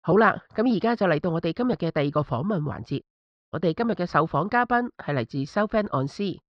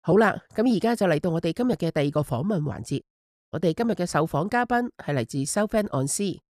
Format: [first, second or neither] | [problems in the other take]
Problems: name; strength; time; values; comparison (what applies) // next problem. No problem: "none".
second | muffled; slightly; fading above 4.5 kHz